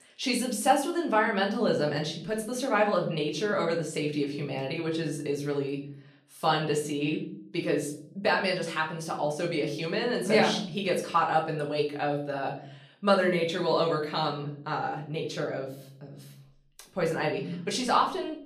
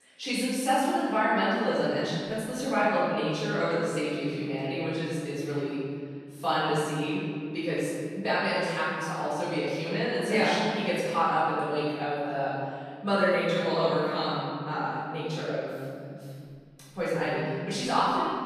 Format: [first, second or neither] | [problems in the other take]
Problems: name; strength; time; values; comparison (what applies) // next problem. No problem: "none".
first | room echo; strong; dies away in 2 s; slight in the first // off-mic speech; far; far in the first